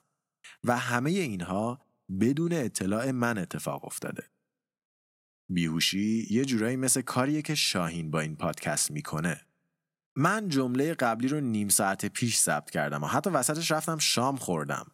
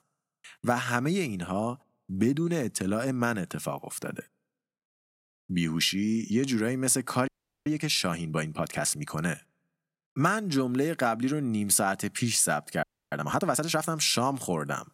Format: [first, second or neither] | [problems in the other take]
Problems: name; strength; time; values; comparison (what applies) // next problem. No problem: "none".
first | audio freezing; at 7.5 s and at 13 s